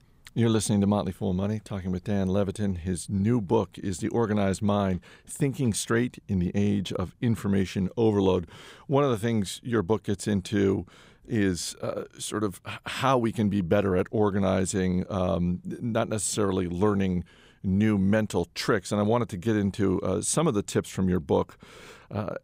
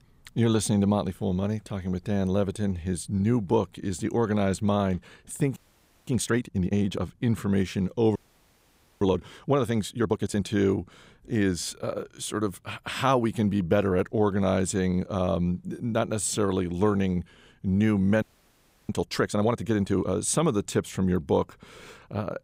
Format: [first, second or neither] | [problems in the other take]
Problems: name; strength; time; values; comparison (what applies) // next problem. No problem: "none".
first | audio freezing; at 5.5 s for 0.5 s, at 8 s for 1 s and at 18 s for 0.5 s